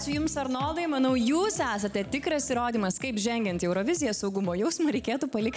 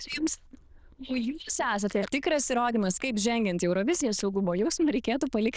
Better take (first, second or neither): first